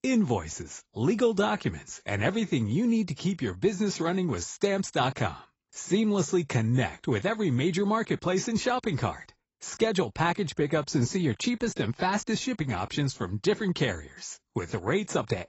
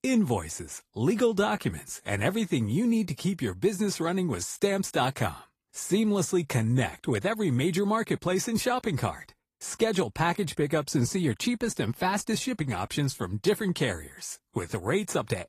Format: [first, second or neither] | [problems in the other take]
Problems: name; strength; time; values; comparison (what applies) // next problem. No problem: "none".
second | garbled, watery; badly; nothing above 7.5 kHz; slightly in the second